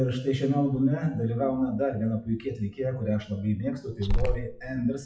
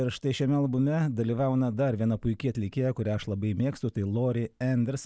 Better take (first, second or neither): second